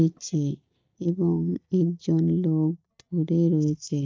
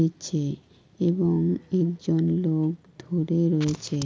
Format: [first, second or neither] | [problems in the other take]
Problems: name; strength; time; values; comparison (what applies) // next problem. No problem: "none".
second | noise reduction (neural mask model DeepFilterNet 3)